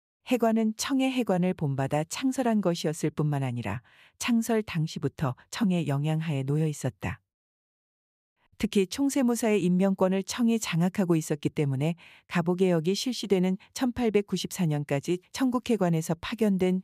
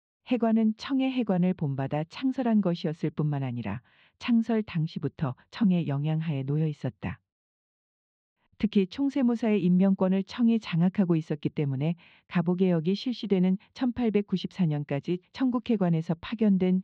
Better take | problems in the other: first | muffled; very slightly; fading above 4 kHz

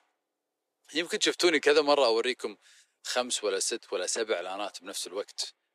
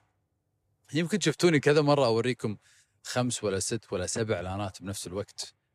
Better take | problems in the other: second | thin; somewhat; fading below 350 Hz

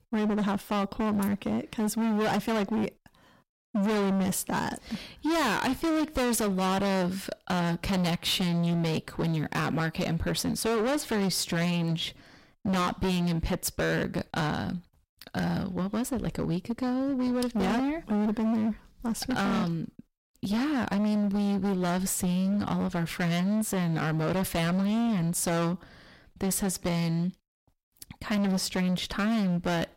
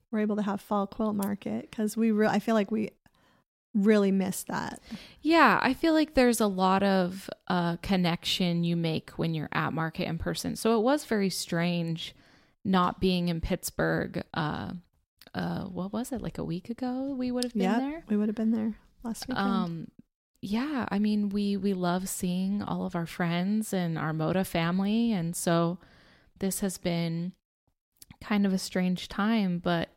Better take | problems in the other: second | distortion; heavy; 27% of the sound clipped

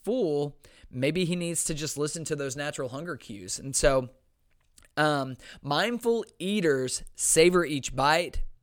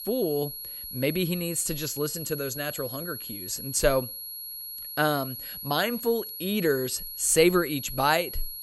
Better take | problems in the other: first | high-pitched whine; loud; throughout; 11.5 kHz, 8 dB below the speech

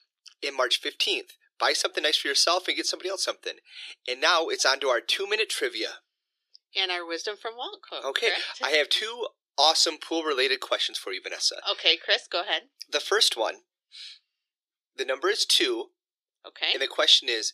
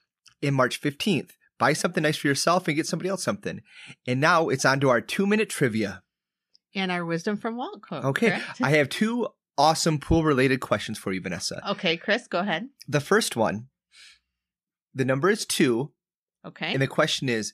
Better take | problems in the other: second | thin; very; fading below 350 Hz

